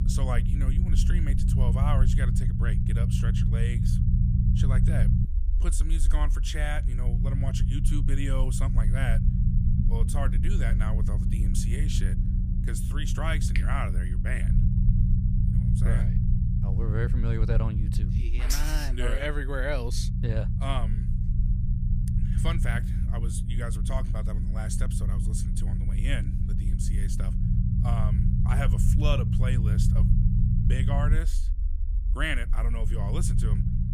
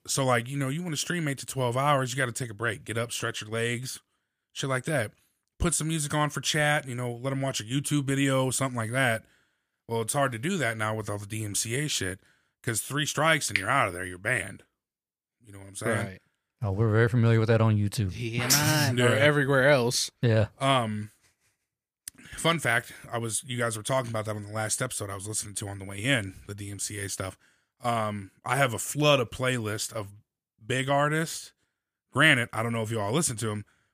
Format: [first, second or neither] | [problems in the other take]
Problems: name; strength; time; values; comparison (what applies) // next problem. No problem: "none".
second | low rumble; loud; throughout; 4 dB below the speech